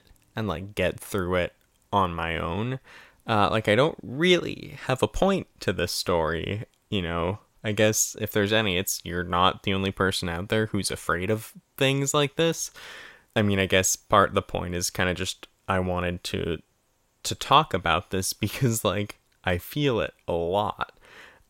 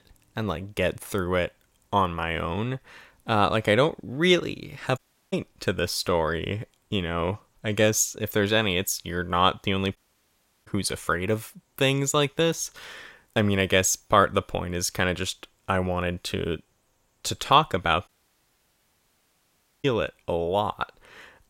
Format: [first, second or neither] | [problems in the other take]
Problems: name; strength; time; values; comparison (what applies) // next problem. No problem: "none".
first | audio cutting out; at 5 s, at 10 s for 0.5 s and at 18 s for 2 s